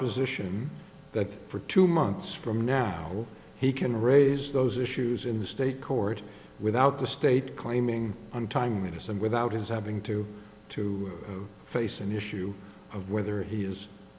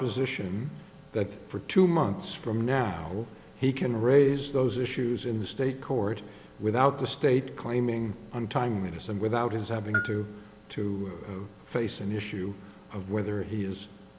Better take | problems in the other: first | background sound (Bell); 9 dB below the speech

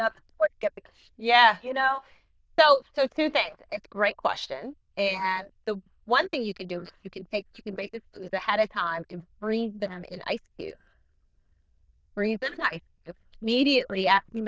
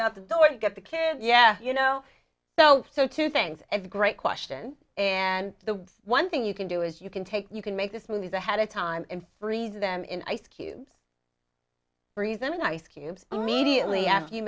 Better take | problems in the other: second | noise reduction (neural diffusion model UNIVERSE++)

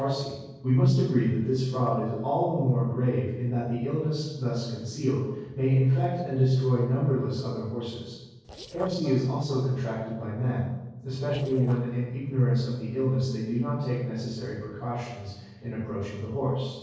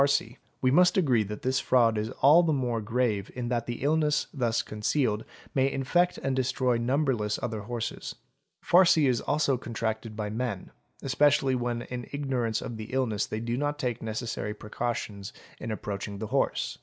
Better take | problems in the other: second | noise reduction (neural separator model SepFormer DNS4)

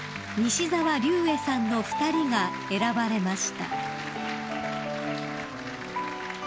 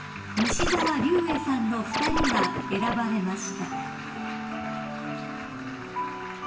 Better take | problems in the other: first | background sound (Scratching (performance technique)); 1 dB below the speech // room echo; dies away in 1.2 s

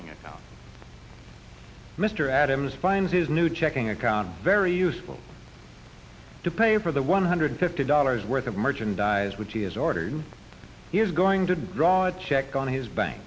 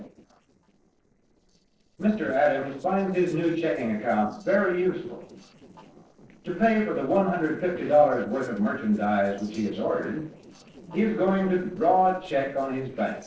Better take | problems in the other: first | noise reduction (neural separator model SepFormer DNS4)

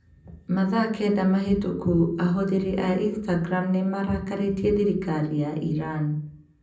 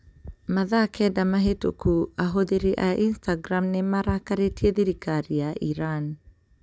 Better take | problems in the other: second | room echo; dies away in 0.6 s

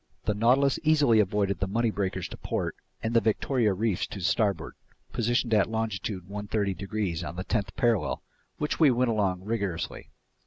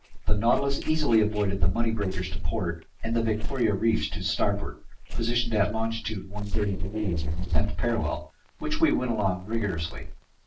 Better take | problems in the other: first | noise reduction (neural separator model SepFormer DNS4)

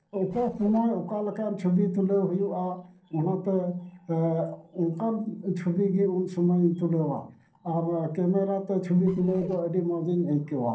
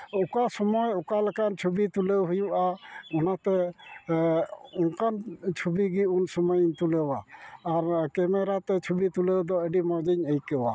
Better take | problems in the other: second | noise reduction (neural separator model SepFormer DNS4)

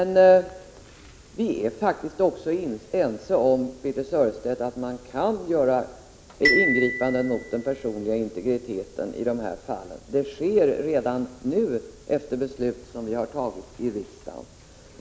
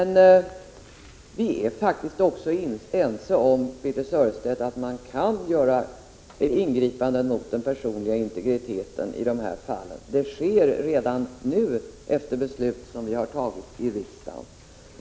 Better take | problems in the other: second | background sound (Glockenspiel); 5 dB below the speech

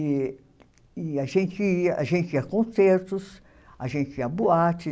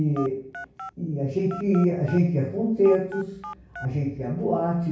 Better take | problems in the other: first | background sound (Telephone); 16 dB below the speech // room echo; dies away in 0.6 s

